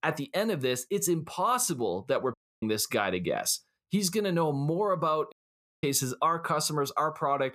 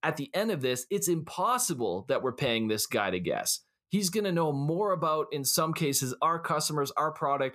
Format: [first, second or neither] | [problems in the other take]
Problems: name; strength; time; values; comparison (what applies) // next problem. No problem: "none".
second | audio cutting out; at 2.5 s and at 5.5 s for 0.5 s